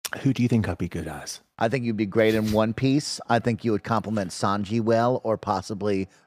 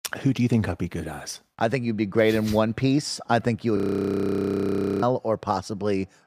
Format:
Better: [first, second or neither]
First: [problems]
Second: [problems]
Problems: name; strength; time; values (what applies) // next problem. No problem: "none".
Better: first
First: none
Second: audio freezing; at 4 s for 1 s